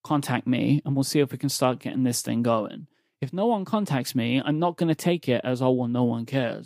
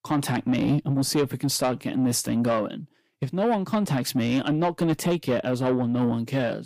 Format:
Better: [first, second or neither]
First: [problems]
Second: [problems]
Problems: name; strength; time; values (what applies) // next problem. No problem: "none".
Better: first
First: none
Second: distortion; slight; 10 dB below the speech